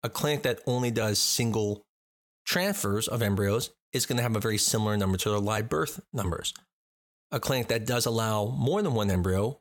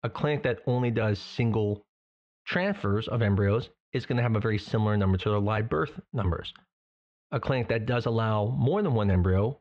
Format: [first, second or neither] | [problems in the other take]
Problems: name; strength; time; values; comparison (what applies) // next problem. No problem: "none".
first | muffled; very; fading above 3 kHz